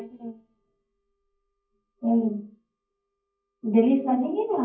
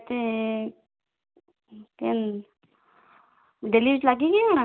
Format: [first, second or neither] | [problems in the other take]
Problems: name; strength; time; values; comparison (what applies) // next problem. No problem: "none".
second | noise reduction (neural mask model DeepFilterNet 3)